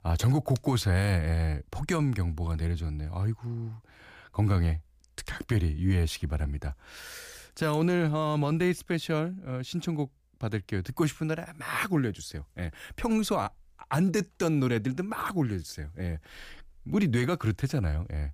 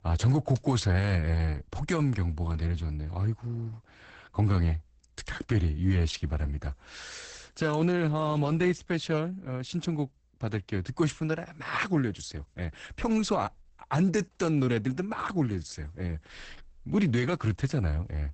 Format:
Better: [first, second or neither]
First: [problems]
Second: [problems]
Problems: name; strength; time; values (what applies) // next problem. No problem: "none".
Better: first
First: none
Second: garbled, watery; badly; nothing above 8 kHz